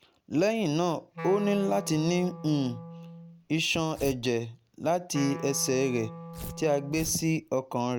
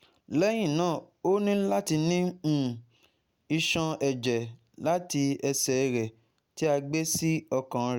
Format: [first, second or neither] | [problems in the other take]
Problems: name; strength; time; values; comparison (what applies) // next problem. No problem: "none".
second | background sound (Tearing + Wind instrument, woodwind instrument); 14 dB below the speech